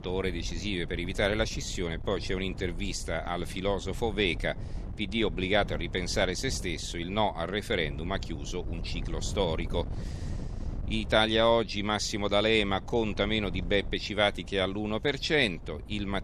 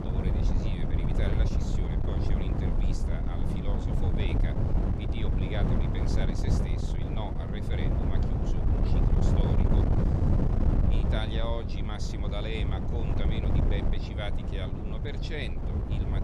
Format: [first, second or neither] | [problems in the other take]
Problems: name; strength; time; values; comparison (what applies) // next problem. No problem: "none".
first | wind noise on the microphone; heavy; 2 dB above the speech; occasional gusts in the first